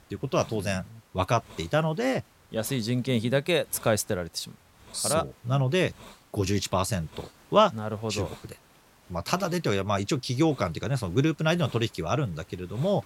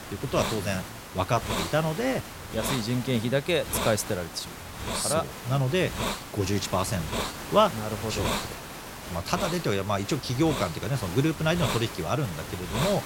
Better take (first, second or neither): first